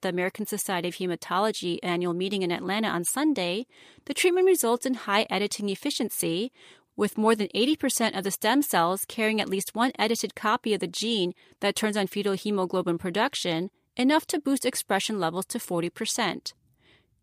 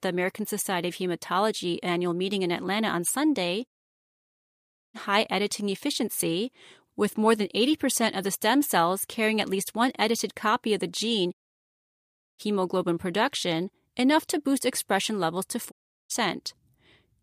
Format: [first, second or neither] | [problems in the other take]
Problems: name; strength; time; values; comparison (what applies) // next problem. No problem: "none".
first | audio cutting out; at 3.5 s for 1.5 s, at 11 s for 1 s and at 16 s